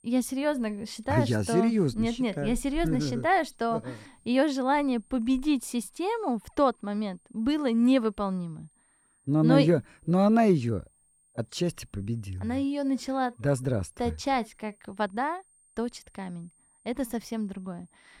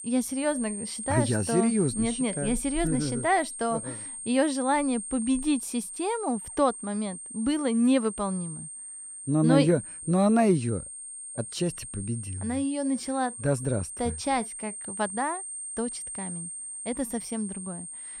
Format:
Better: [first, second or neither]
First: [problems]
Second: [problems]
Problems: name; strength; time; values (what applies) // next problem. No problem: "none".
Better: first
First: high-pitched whine; faint; throughout; 8.5 kHz, 35 dB below the speech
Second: high-pitched whine; loud; throughout; 8.5 kHz, 8 dB below the speech